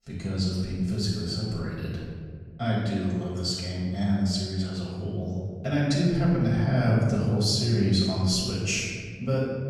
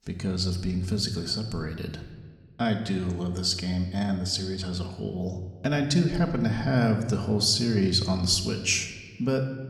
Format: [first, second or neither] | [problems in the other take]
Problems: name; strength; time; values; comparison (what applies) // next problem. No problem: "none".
second | room echo; strong; dies away in 2 s; slight in the second // off-mic speech; far